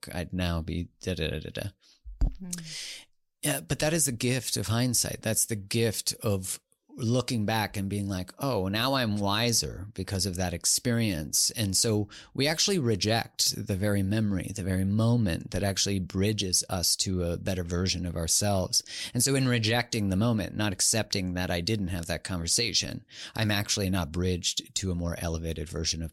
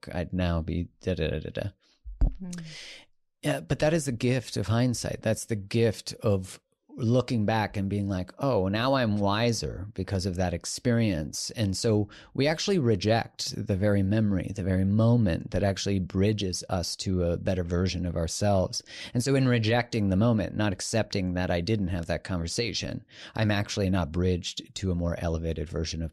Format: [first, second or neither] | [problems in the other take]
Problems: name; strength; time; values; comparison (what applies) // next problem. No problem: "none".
first | muffled; slightly; fading above 2 kHz